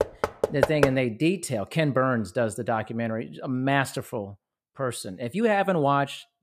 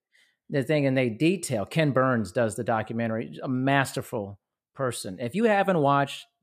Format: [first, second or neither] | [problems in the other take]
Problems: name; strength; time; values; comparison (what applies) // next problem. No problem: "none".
second | door banging; loud; at the start; peak 2 dB above the speech